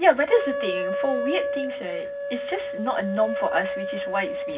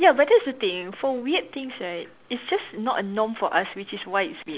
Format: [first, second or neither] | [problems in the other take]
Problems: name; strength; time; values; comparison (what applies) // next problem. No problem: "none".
second | background sound (Wind instrument, woodwind instrument); 3 dB below the speech // room echo; dies away in 0.4 s